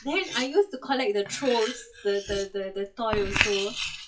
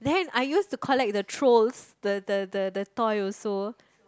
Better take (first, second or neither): second